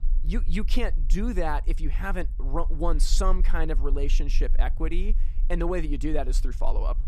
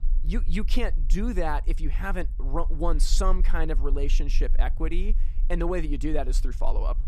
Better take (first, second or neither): neither